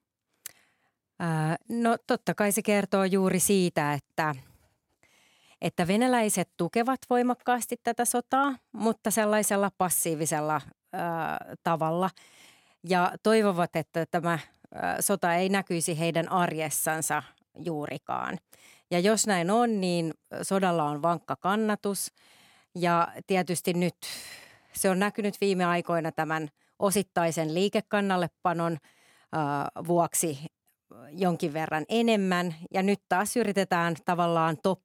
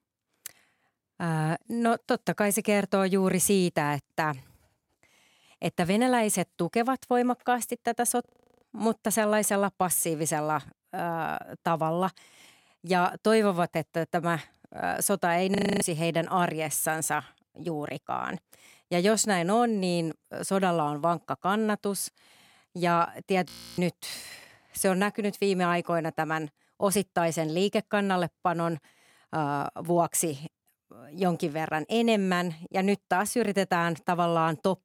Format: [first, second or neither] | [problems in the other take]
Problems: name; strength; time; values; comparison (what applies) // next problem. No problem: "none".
first | audio freezing; at 8.5 s, at 16 s and at 23 s